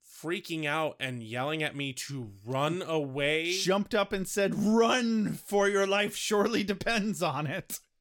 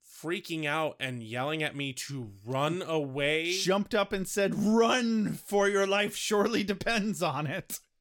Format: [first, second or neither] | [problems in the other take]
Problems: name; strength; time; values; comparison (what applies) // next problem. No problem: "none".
neither | none